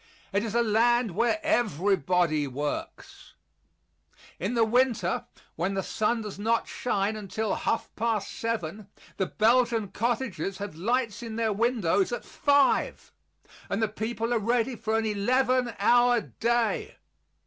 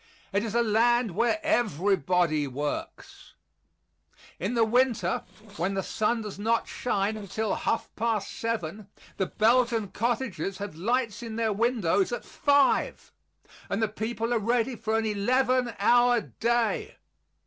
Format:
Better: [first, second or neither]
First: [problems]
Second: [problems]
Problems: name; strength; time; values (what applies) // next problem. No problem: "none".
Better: first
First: none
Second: noise reduction (neural separator model SepFormer DNS4)